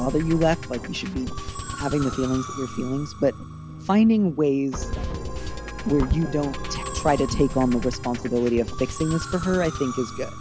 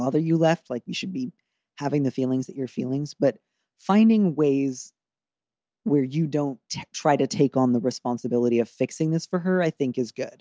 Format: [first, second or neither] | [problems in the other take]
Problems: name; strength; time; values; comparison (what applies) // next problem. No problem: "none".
second | background sound (Musical instrument); 7 dB below the speech